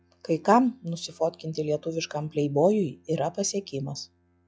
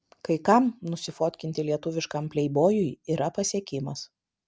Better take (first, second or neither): second